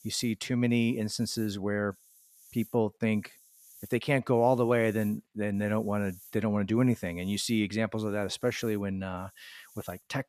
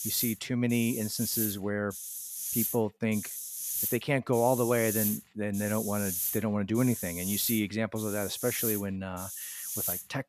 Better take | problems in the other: first | hiss; loud; throughout; 3 dB below the speech; faint in the first

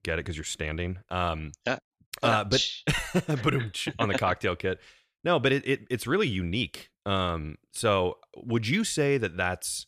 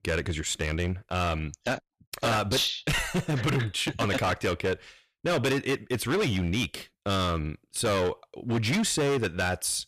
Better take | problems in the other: first | distortion; heavy; 15% of the sound clipped

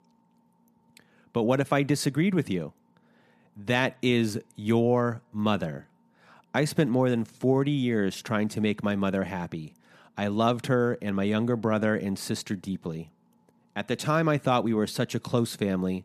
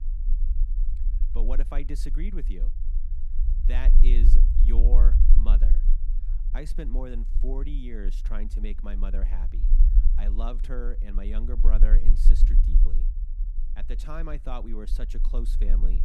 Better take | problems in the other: first | low rumble; loud; throughout; 8 dB below the speech

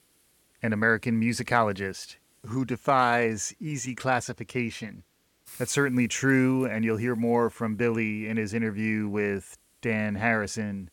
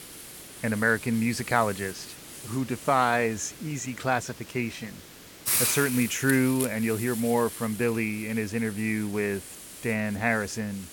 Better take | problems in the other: first | hiss; loud; throughout; 7 dB below the speech; faint in the first

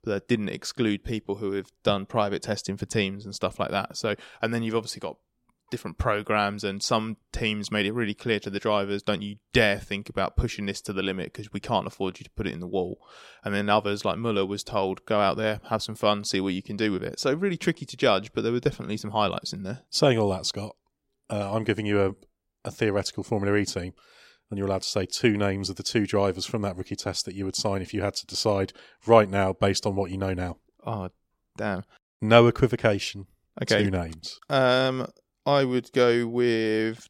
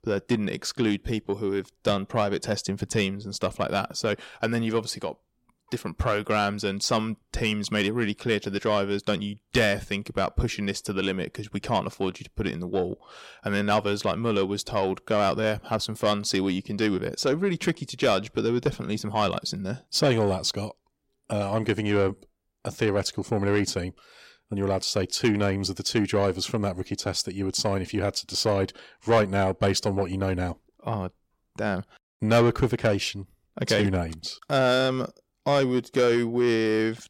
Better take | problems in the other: first | distortion; slight; 10 dB below the speech

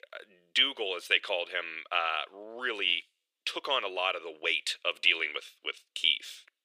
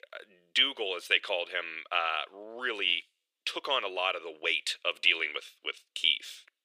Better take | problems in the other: neither | thin; very; fading below 450 Hz; the same in both

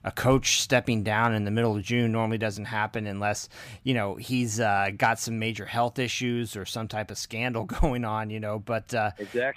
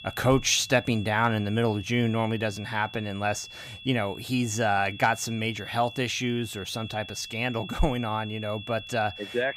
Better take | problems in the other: first | high-pitched whine; noticeable; throughout; 3.5 kHz, 15 dB below the speech

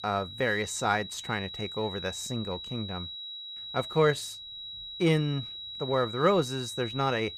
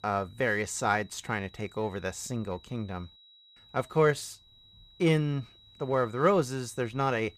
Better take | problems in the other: second | high-pitched whine; loud; throughout; 4 kHz, 8 dB below the speech; faint in the second

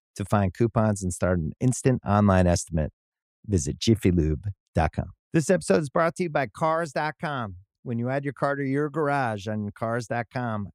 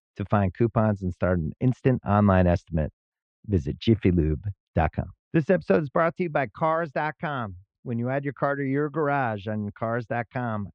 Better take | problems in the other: first | muffled; very; fading above 3.5 kHz

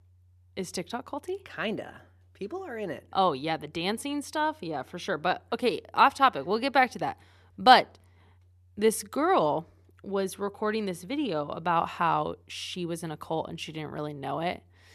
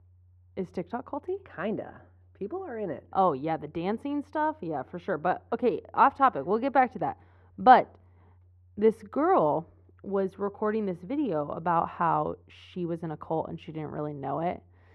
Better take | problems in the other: first | muffled; very; fading above 3 kHz

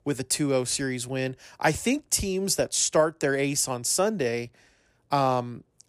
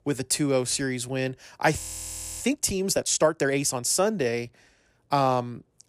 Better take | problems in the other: first | audio freezing; at 2 s for 0.5 s

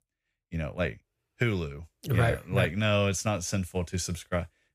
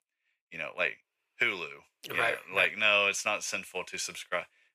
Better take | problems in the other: first | thin; very; fading below 450 Hz

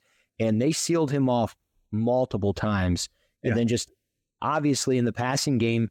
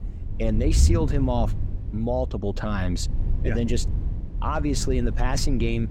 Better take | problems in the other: first | low rumble; noticeable; throughout; 15 dB below the speech

